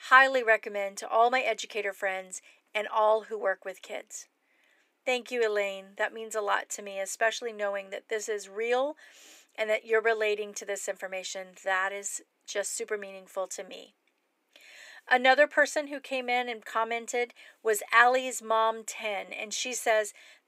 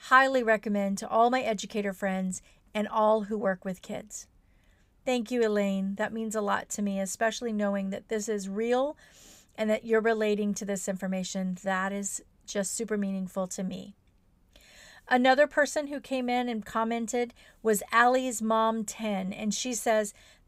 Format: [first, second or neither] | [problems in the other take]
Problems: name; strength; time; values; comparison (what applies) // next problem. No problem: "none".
second | thin; very; fading below 300 Hz